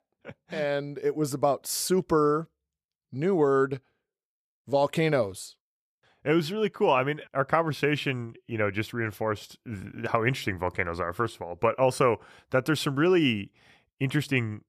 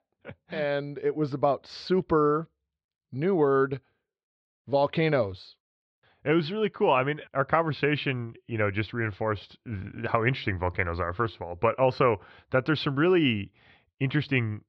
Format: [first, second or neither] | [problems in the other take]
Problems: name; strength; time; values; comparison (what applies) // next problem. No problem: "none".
first | muffled; very slightly; fading above 4 kHz